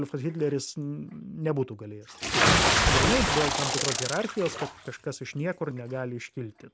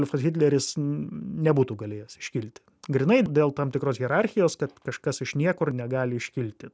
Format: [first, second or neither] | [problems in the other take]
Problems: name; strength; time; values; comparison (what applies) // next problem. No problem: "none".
second | background sound (Insect + Bathtub (filling or washing) / Splash, splatter); 3 dB above the speech